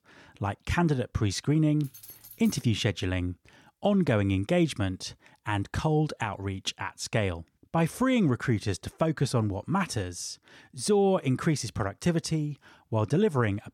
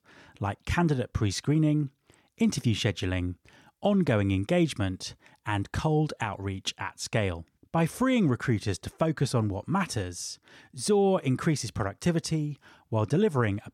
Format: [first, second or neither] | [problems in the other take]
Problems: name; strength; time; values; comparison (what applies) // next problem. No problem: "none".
second | jangling keys; faint; at 2 s; peak 15 dB below the speech